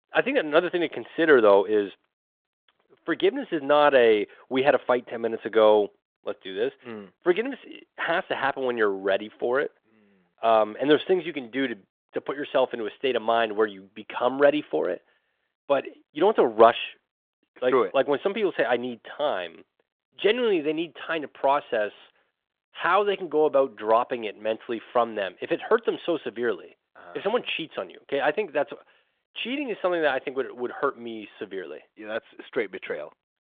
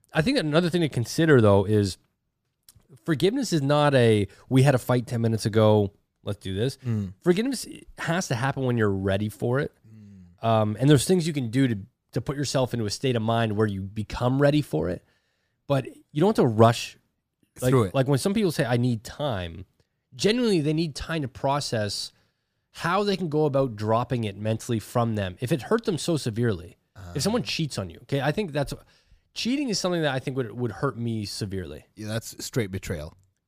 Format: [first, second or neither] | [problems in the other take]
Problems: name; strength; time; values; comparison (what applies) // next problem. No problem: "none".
second | phone-call audio; nothing above 3.5 kHz